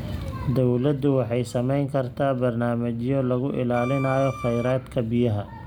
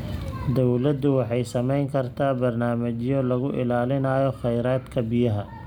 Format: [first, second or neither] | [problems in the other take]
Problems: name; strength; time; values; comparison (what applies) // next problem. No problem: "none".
second | background sound (Bowed string instrument); 13 dB below the speech